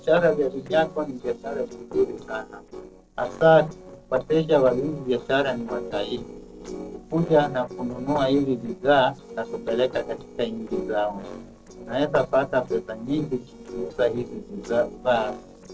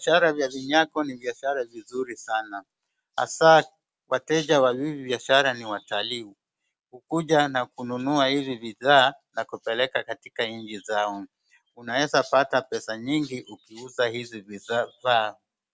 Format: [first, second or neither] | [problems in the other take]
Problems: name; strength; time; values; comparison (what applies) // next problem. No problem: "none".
second | noise reduction (neural separator model SepFormer DNS4)